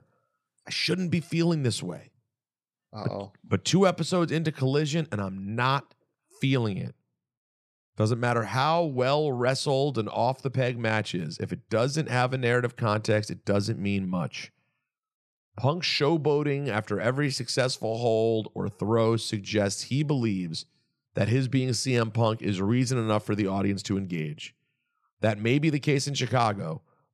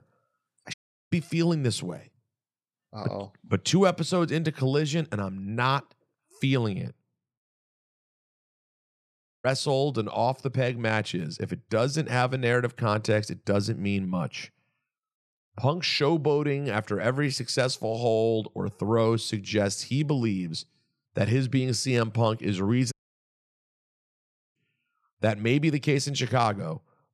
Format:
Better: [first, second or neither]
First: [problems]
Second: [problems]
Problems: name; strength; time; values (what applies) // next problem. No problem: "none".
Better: first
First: none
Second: audio cutting out; at 0.5 s, at 7.5 s for 2 s and at 23 s for 1.5 s